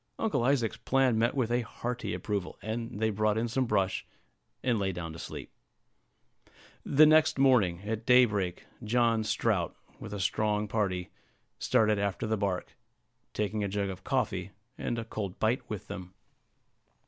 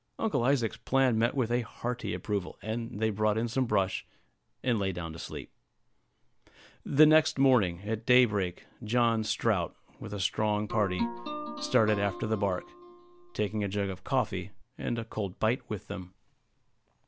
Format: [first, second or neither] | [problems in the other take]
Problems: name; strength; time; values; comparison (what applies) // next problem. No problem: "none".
first | background sound (Guitar); 9 dB below the speech